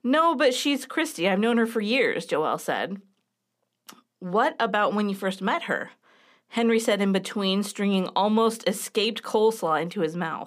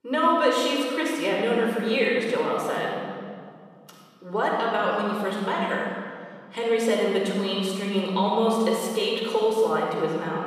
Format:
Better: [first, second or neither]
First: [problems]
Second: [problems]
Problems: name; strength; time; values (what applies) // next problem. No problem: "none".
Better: first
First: none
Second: off-mic speech; somewhat distant // room echo; strong; dies away in 2.1 s